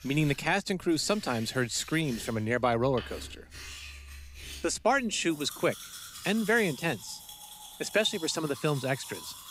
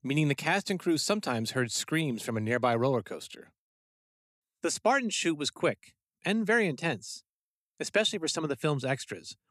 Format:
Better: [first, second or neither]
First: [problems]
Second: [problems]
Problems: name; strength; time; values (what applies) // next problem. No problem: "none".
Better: second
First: household noises; noticeable; throughout; 15 dB below the speech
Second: none